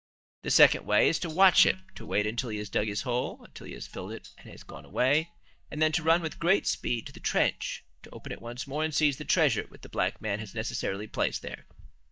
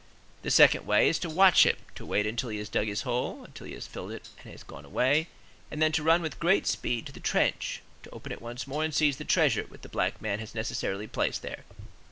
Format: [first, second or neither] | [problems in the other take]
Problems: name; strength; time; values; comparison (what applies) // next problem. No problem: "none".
second | noise reduction (neural mask model DeepFilterNet 3)